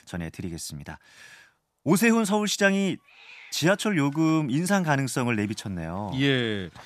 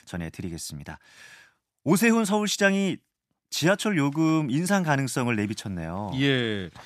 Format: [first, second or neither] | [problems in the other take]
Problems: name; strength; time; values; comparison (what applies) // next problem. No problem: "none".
second | hiss; faint; throughout; 30 dB below the speech